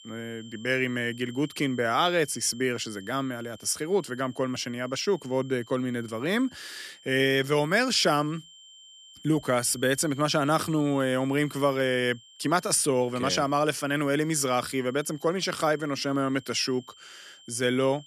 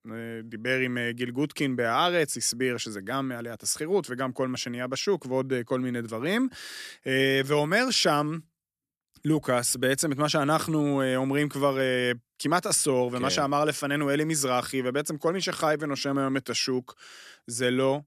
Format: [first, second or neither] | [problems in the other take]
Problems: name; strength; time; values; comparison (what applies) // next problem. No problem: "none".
second | high-pitched whine; faint; throughout; 3 kHz, 25 dB below the speech